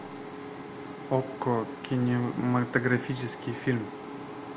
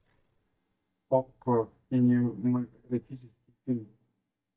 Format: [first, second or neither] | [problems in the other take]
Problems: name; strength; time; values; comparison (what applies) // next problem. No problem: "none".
first | noise reduction (neural mask model DeepFilterNet 3)